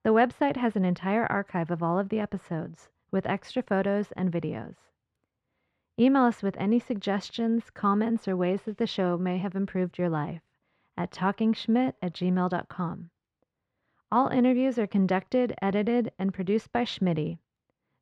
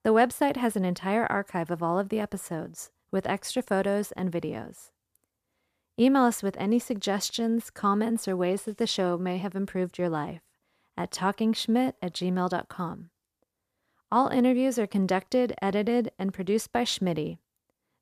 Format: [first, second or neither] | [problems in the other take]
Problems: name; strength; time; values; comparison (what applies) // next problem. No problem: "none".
second | muffled; slightly; fading above 2.5 kHz